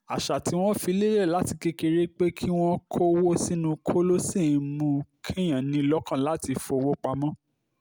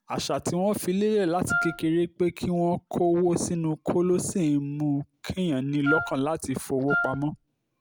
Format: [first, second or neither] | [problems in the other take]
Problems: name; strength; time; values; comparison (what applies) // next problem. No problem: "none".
first | background sound (Wind instrument, woodwind instrument); 4 dB below the speech